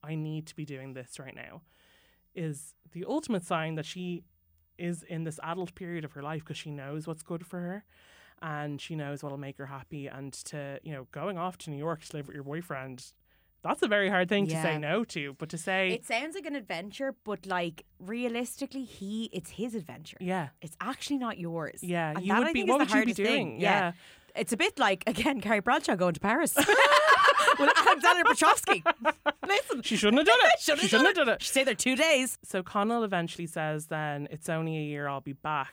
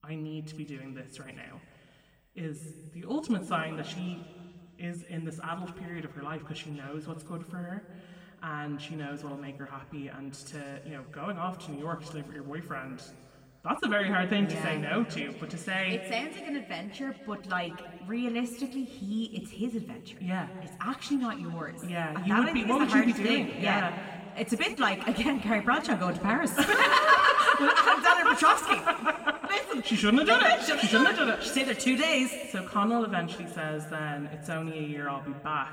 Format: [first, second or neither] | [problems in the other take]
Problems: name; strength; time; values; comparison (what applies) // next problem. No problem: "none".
first | room echo; noticeable; dies away in 1.9 s // off-mic speech; somewhat distant